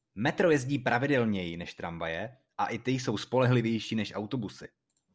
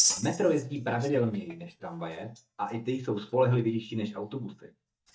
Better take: first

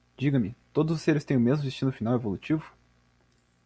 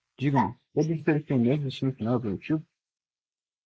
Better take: first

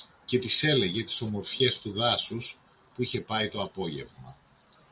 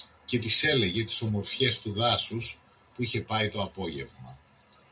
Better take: first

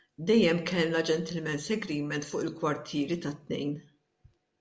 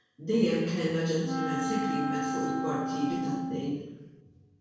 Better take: first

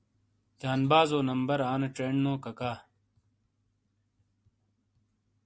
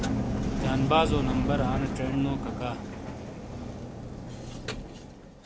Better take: first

